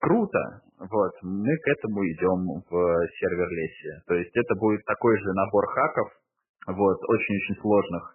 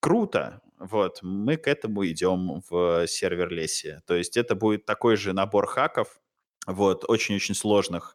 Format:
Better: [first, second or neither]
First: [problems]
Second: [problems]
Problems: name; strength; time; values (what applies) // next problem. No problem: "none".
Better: second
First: garbled, watery; badly; nothing above 2.5 kHz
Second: none